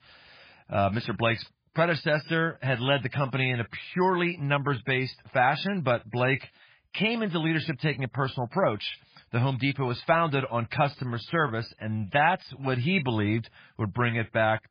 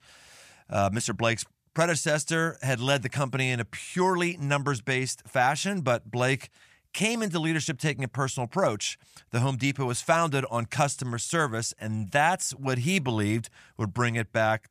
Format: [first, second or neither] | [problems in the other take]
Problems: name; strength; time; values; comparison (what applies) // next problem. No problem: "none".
second | garbled, watery; badly; nothing above 5 kHz